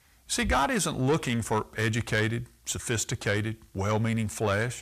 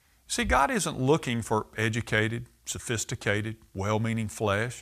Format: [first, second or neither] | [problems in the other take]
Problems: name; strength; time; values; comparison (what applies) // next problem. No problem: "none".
second | distortion; slight; 10 dB below the speech